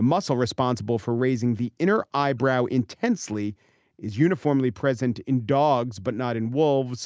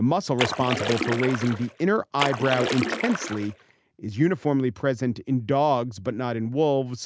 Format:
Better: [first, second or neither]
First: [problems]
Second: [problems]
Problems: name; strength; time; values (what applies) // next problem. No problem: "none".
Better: first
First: none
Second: background sound (Splash, splatter); 5 dB below the speech